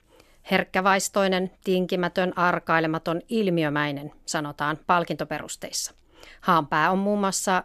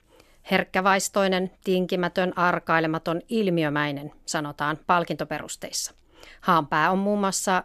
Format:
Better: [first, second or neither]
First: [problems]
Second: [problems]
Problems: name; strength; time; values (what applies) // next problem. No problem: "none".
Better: neither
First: none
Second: none